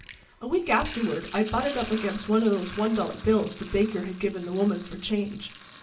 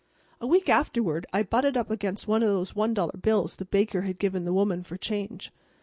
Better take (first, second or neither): second